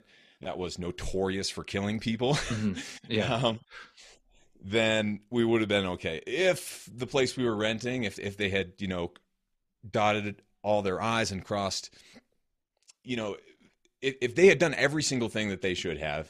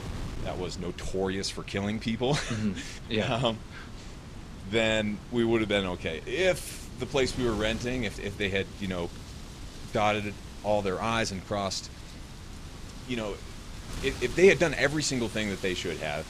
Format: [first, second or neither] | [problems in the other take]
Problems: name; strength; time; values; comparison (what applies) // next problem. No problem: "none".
first | wind noise on the microphone; occasional gusts; 15 dB below the speech